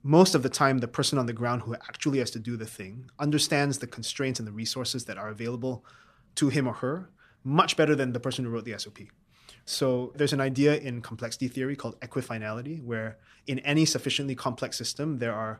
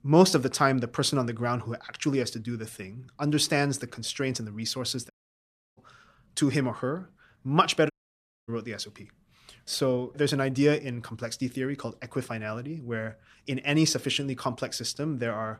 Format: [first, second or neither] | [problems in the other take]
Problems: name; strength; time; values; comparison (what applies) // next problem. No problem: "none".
first | audio cutting out; at 5 s for 0.5 s and at 8 s for 0.5 s